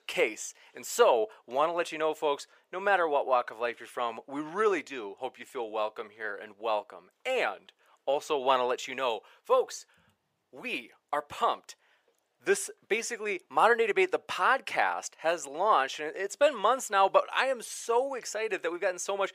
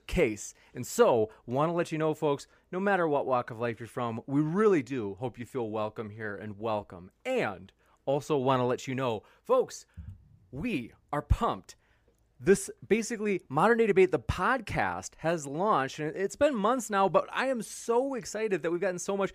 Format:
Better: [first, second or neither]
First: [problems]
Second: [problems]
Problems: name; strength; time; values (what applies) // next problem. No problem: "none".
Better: second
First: thin; very; fading below 600 Hz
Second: none